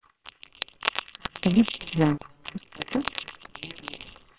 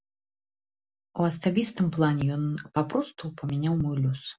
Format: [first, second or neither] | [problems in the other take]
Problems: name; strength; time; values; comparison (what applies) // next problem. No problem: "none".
second | noise reduction (neural separator model SepFormer WHAMR!)